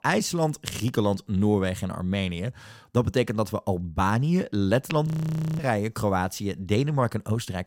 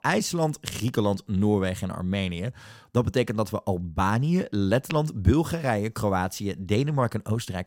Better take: second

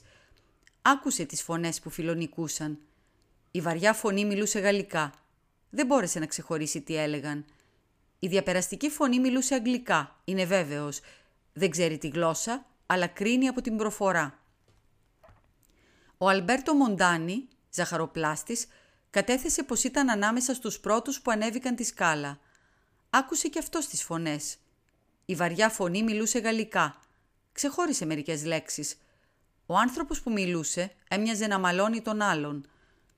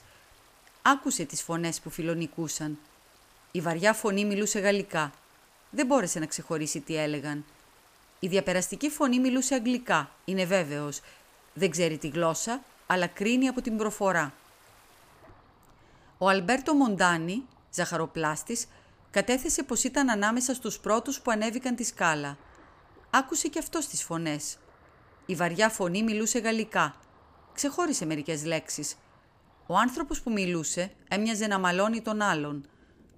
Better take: first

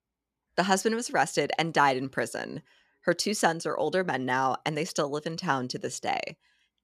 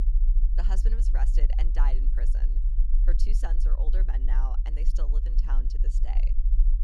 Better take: first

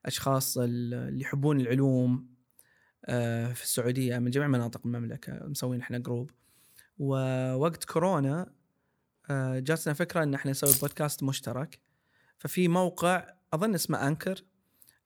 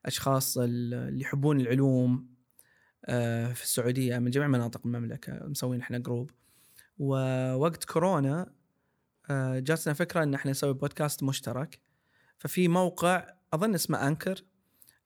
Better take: second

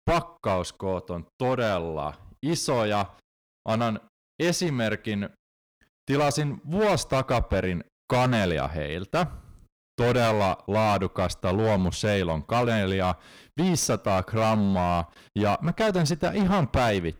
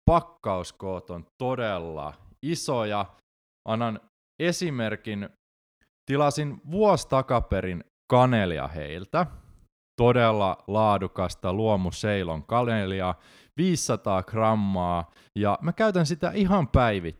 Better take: second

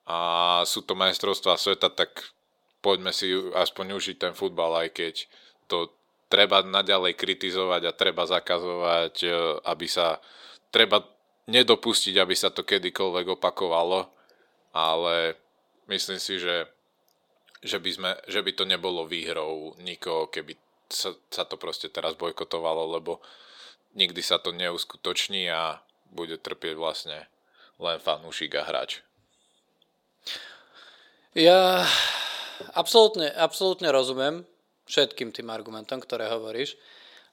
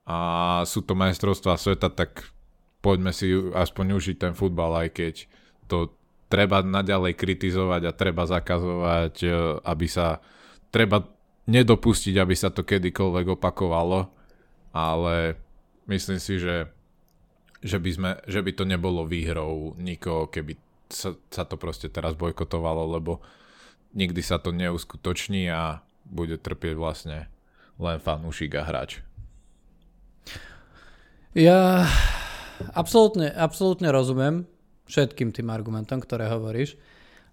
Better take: second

